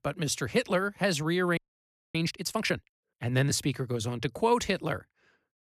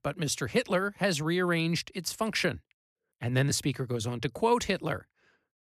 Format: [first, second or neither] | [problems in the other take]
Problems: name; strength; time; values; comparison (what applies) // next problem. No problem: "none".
second | audio freezing; at 1.5 s for 0.5 s